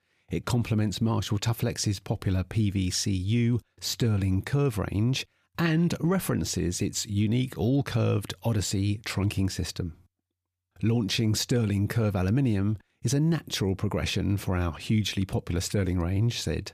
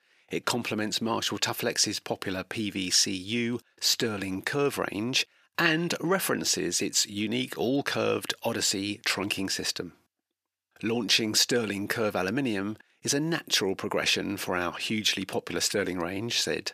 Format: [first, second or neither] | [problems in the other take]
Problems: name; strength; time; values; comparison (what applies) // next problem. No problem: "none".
first | thin; somewhat; fading below 350 Hz